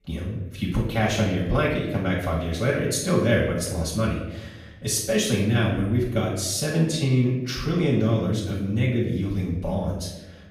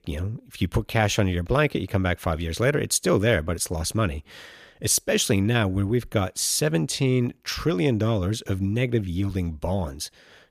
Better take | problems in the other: second | off-mic speech; far // room echo; noticeable; dies away in 0.9 s

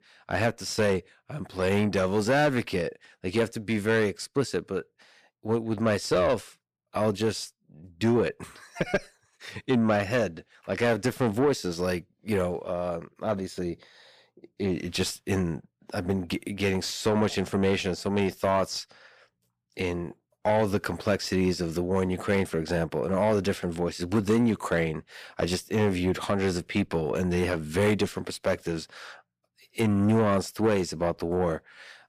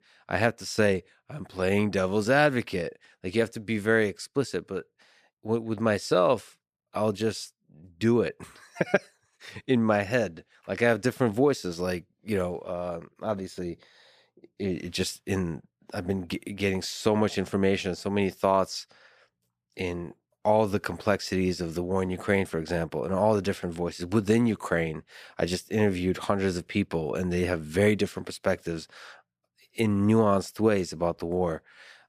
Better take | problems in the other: second | distortion; slight; 10 dB below the speech

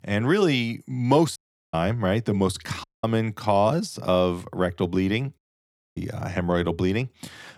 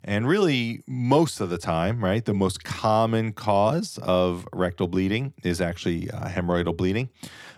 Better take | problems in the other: second | audio cutting out; at 1.5 s, at 3 s and at 5.5 s for 0.5 s

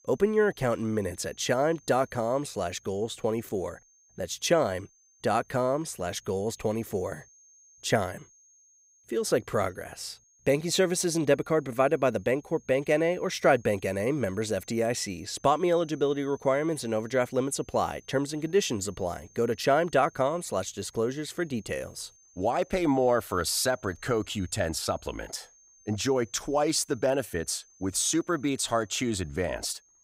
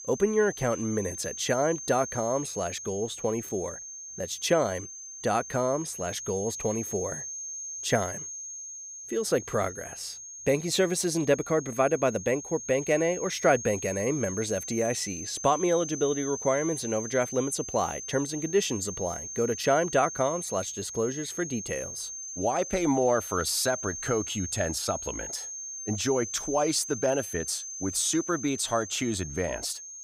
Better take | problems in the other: first | high-pitched whine; loud; throughout; 6.5 kHz, 8 dB below the speech; faint in the first

